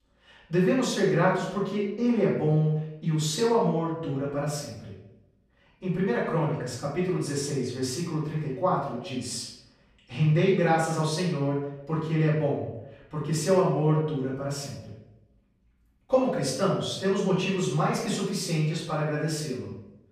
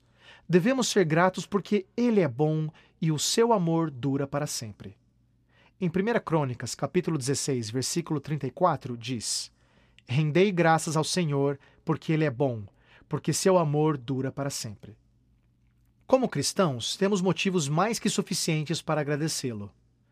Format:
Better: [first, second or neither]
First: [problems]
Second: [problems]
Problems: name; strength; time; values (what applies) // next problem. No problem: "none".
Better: second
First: off-mic speech; far // room echo; noticeable; dies away in 0.7 s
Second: none